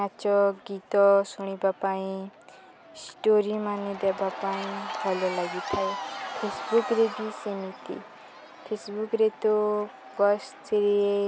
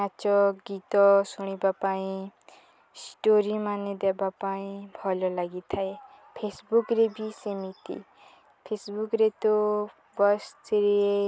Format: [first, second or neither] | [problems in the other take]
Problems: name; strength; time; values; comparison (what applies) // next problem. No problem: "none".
second | background sound (Crowd / Cheering); 12 dB below the speech